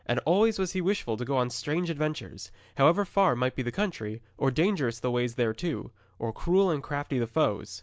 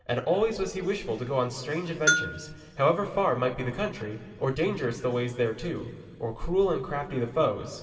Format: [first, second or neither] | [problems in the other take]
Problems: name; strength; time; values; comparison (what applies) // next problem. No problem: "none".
first | background sound (Bell); 4 dB below the speech // room echo; dies away in 2.3 s